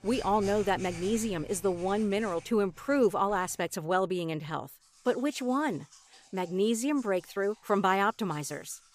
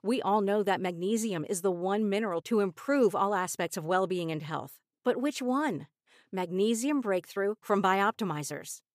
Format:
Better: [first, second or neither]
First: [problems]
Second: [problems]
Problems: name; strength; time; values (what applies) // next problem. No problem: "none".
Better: second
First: household noises; noticeable; throughout; 20 dB below the speech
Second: none